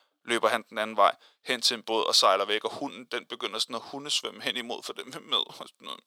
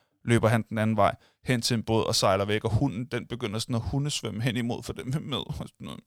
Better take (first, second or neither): second